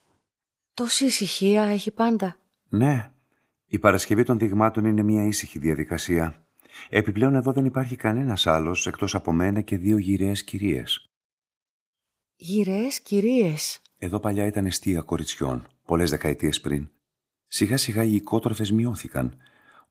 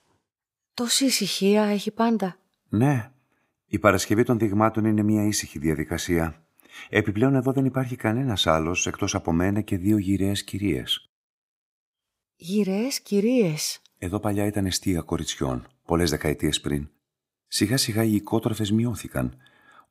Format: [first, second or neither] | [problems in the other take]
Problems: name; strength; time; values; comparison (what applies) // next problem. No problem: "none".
second | garbled, watery; slightly; nothing above 15.5 kHz